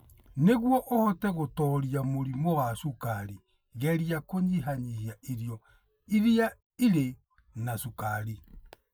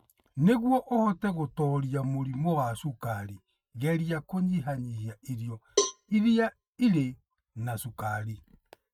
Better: first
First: none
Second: noise reduction (neural mask model RNNoise)

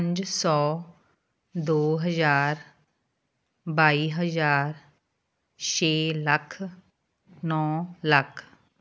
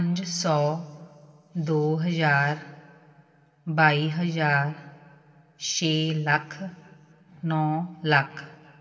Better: first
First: none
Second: room echo; dies away in 1.9 s

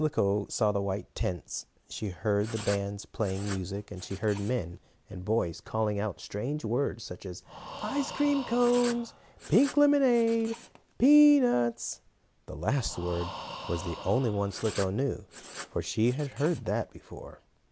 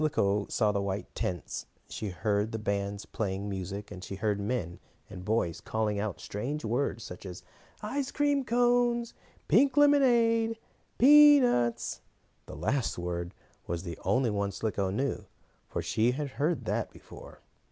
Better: second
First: background sound (Writing + Breathing); 15 dB below the speech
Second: none

